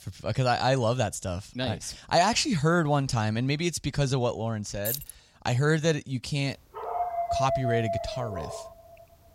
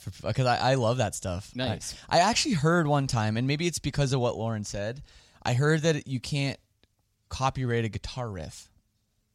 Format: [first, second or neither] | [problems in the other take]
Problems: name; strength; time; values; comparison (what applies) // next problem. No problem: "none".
second | jangling keys; noticeable; at 5 s; peak 4 dB below the speech // dog barking; noticeable; from 7 to 8.5 s; peak 1 dB below the speech